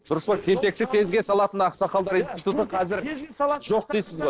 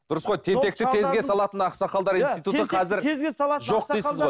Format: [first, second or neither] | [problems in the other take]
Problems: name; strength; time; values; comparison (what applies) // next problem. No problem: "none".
second | noise reduction (neural separator model SepFormer DNS4)